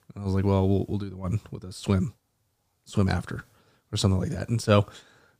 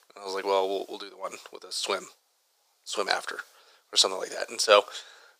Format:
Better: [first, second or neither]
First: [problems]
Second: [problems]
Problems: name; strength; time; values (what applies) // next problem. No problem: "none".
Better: first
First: none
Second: thin; very; fading below 500 Hz